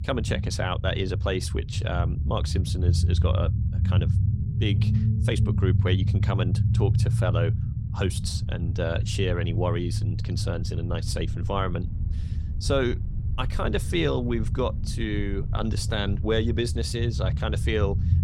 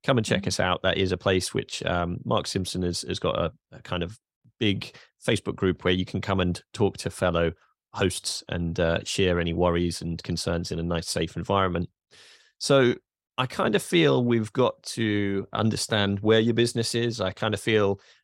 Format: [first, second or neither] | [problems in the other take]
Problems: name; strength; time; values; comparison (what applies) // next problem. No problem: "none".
second | low rumble; loud; throughout; 9 dB below the speech